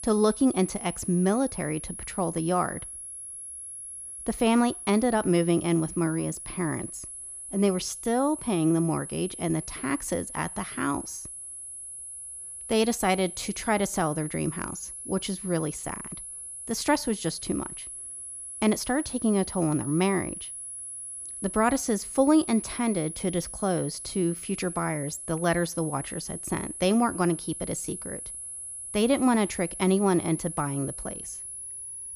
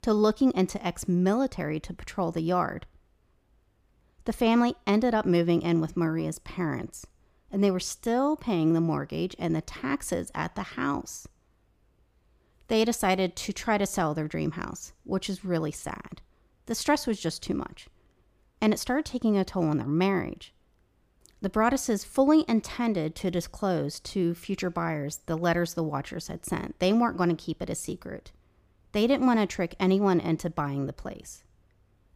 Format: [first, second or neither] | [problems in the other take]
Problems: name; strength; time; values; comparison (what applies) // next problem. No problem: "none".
second | high-pitched whine; loud; throughout; 10.5 kHz, 9 dB below the speech